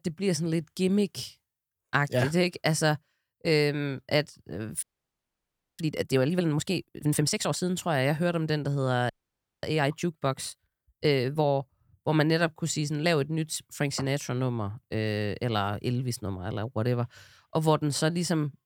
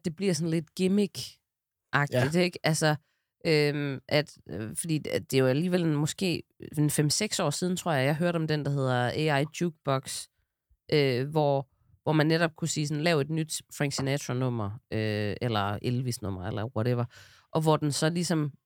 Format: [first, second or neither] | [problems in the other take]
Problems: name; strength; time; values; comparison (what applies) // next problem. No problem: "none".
second | audio freezing; at 5 s for 1 s and at 9 s for 0.5 s